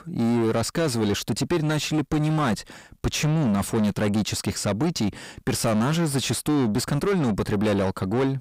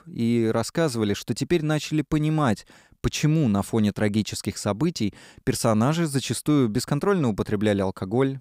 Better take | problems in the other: second | distortion; heavy; 7 dB below the speech

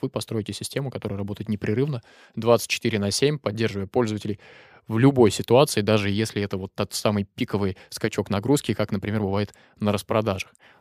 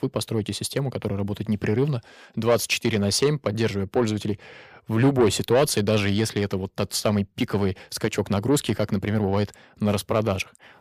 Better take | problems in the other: first | distortion; slight; 10 dB below the speech

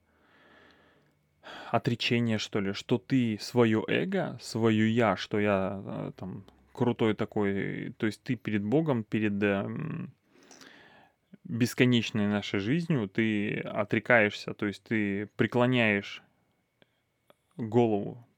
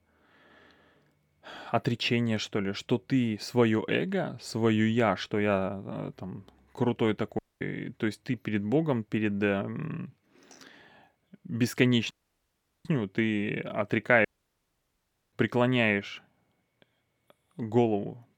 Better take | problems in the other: first | audio cutting out; at 7.5 s, at 12 s for 0.5 s and at 14 s for 1 s

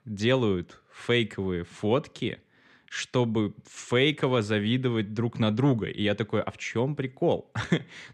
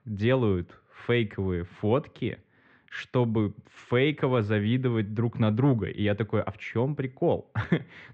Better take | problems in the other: first | muffled; very; fading above 2.5 kHz

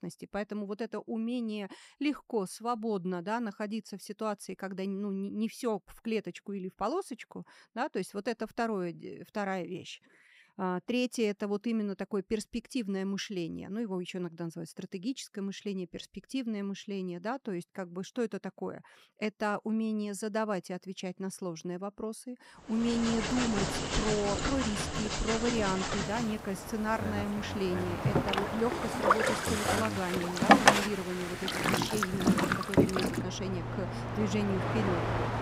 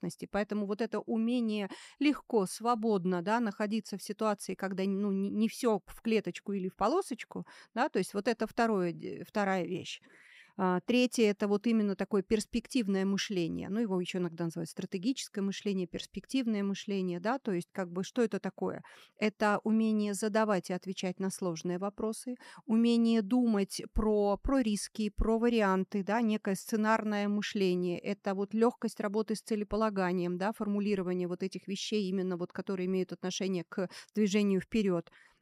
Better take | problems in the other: second | train or aircraft noise; very loud; from 23 s on; 4 dB above the speech

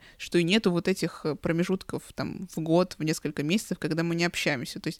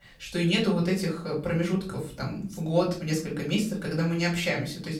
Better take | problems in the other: first | room echo; slight; dies away in 0.4 s // off-mic speech; far

